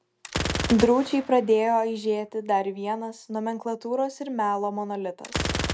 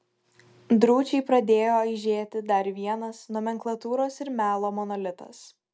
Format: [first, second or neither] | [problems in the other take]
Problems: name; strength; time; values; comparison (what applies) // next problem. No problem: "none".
second | background sound (Gunshot, gunfire); 9 dB below the speech